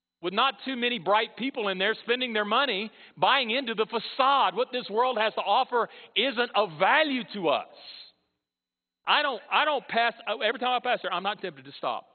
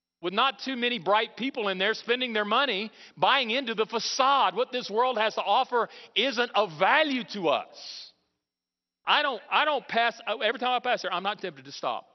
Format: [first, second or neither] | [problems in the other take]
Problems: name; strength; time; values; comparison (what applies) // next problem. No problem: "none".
second | garbled, watery; badly; nothing above 4 kHz; slightly in the second